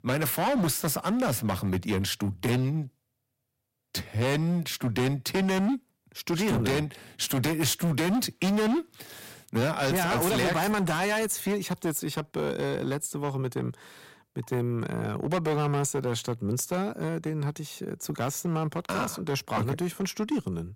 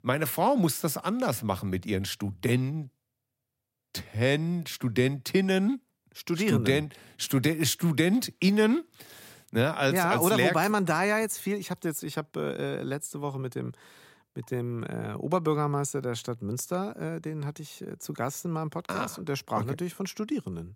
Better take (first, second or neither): second